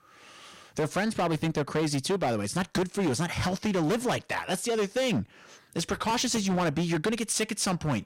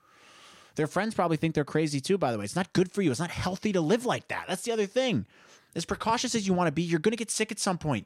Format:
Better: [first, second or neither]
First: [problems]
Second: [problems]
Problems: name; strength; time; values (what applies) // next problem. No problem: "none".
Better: second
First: distortion; heavy; 16% of the sound clipped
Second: none